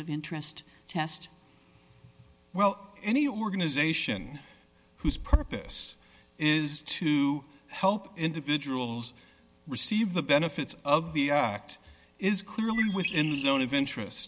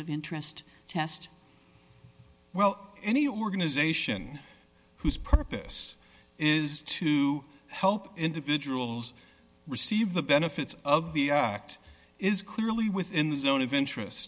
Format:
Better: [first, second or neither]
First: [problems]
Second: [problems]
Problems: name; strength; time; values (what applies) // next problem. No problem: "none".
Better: second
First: background sound (Bird); 8 dB below the speech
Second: none